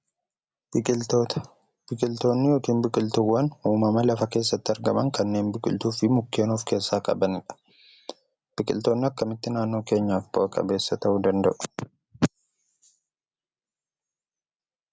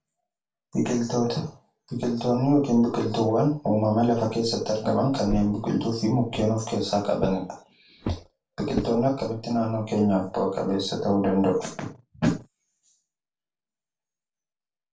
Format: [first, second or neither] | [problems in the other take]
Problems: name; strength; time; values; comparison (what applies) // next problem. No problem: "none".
first | background sound (Walk, footsteps); 10 dB below the speech // room echo; dies away in 0.3 s